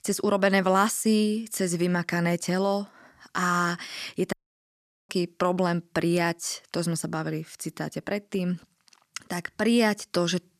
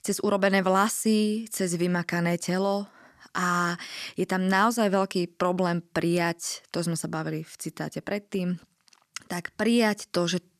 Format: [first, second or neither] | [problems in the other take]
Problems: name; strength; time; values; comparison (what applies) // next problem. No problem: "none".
second | audio cutting out; at 4.5 s for 1 s